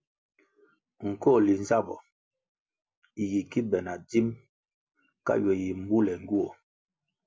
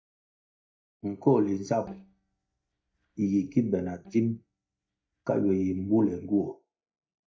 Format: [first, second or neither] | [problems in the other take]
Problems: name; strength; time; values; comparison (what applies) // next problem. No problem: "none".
first | noise reduction (neural mask model DeepFilterNet 3)